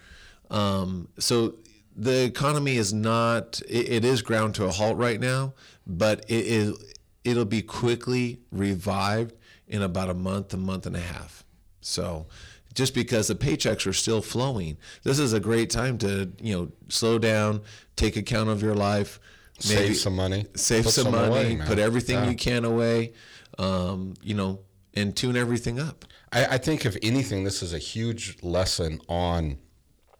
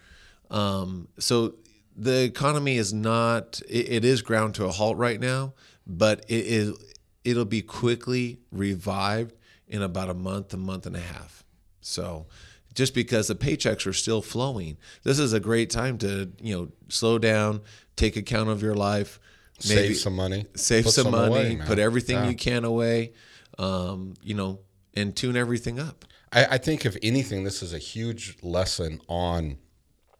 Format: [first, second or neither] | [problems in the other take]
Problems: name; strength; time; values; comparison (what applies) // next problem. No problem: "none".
second | distortion; slight; 10 dB below the speech